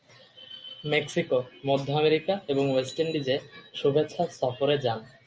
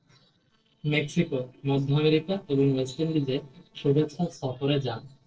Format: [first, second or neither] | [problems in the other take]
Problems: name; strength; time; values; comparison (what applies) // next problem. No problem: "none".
first | noise reduction (neural separator model SepFormer DNS4)